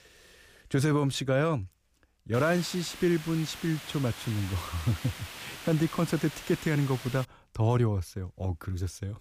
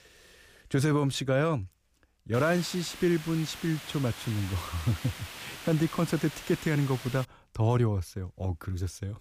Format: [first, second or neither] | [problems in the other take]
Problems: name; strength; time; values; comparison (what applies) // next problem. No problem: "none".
neither | hiss; noticeable; from 2.5 to 7.5 s; 10 dB below the speech; the same in both